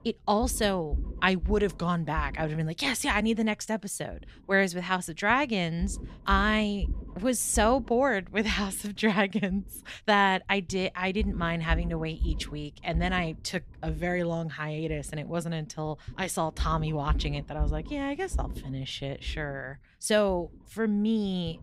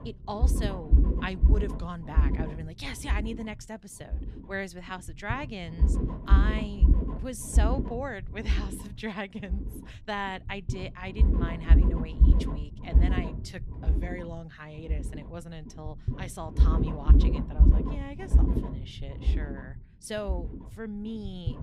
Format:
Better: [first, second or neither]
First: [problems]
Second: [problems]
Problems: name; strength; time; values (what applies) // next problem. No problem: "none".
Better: first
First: low rumble; faint; throughout; 25 dB below the speech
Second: low rumble; loud; throughout; 3 dB below the speech